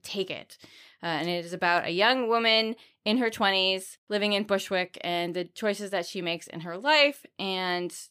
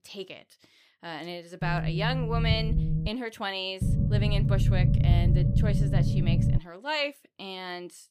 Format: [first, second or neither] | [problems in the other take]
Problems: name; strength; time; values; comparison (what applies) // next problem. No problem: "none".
first | low rumble; loud; from 1.5 to 3 s and from 4 to 6.5 s; 4 dB below the speech